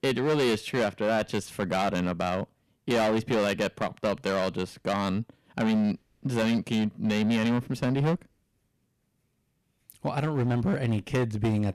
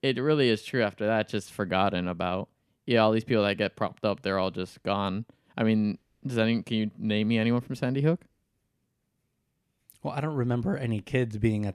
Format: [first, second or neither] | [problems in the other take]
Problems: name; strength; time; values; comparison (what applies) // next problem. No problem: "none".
second | distortion; heavy; 12% of the sound clipped